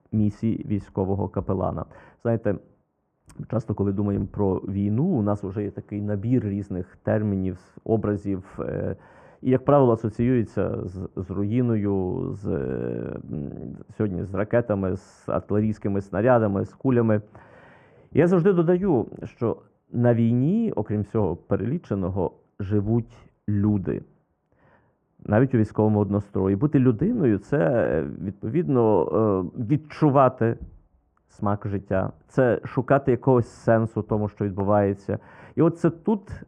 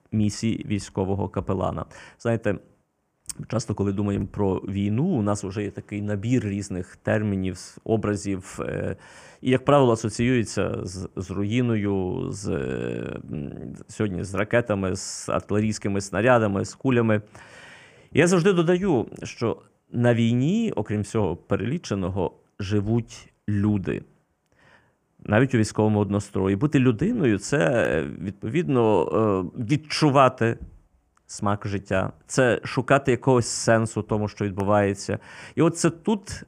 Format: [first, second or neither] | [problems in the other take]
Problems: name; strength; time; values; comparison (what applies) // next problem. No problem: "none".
second | muffled; very; fading above 2.5 kHz